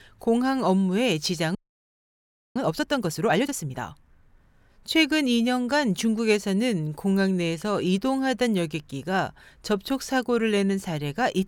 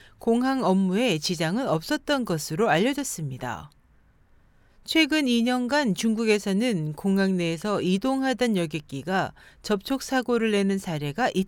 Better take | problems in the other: second | audio freezing; at 1.5 s for 1 s

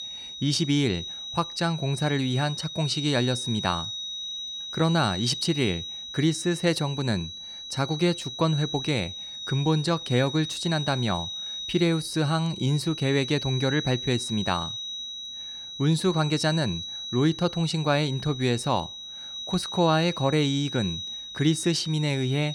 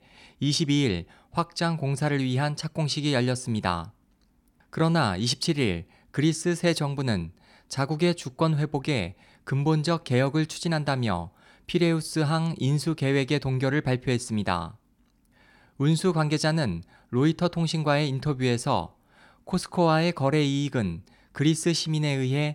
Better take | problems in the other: second | high-pitched whine; loud; throughout; 4 kHz, 7 dB below the speech

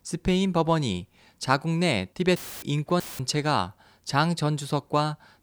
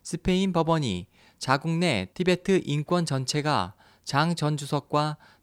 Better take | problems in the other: second | audio cutting out; filled with static; at 2.5 s and at 3 s

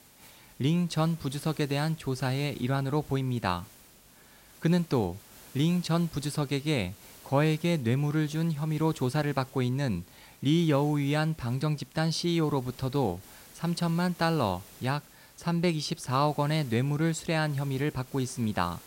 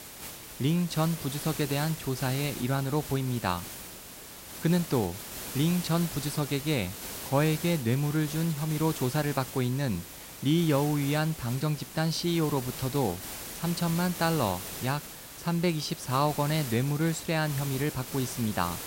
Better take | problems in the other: first | hiss; loud; throughout; 9 dB below the speech; faint in the first

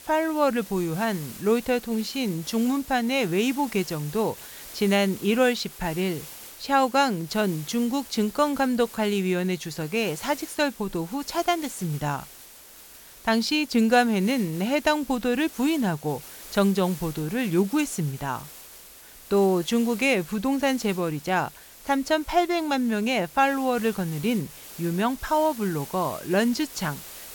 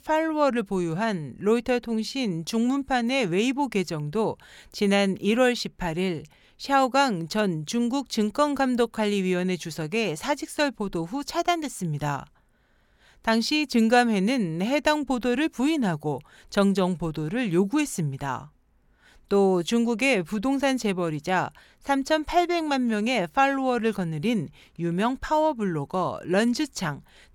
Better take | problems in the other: second | hiss; noticeable; throughout; 15 dB below the speech

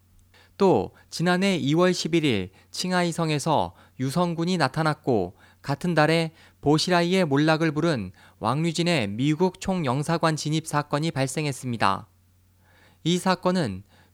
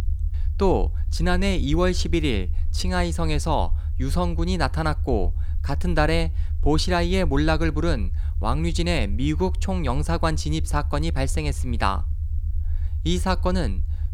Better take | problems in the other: first | low rumble; faint; throughout; 20 dB below the speech

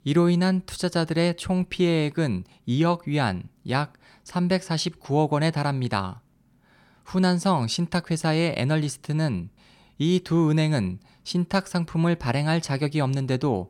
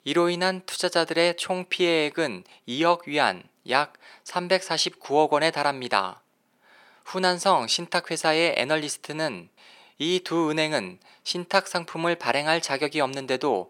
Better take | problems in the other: first | thin; very; fading below 500 Hz

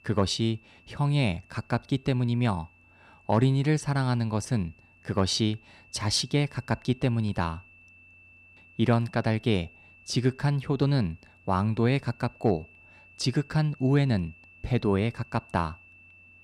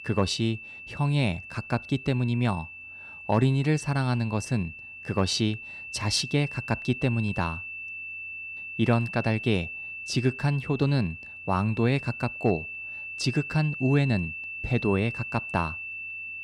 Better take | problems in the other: first | high-pitched whine; loud; throughout; 2.5 kHz, 9 dB below the speech; faint in the first

